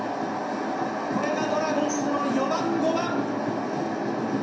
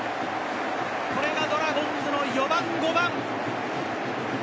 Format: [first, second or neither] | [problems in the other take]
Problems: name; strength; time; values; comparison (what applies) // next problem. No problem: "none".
second | background sound (Tambourine); 19 dB below the speech // room echo; dies away in 0.7 s